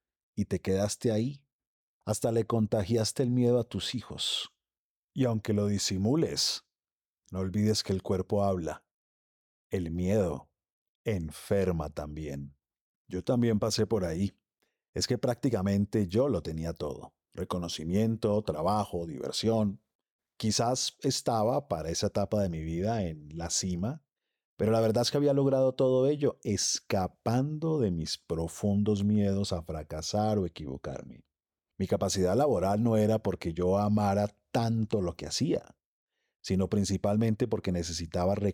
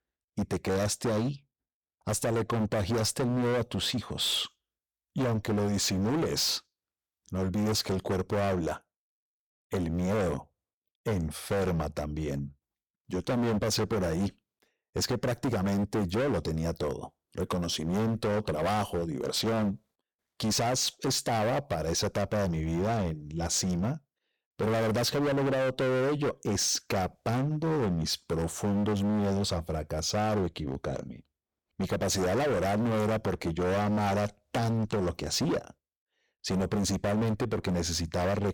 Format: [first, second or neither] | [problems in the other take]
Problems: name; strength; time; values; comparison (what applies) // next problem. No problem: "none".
first | distortion; heavy; 25% of the sound clipped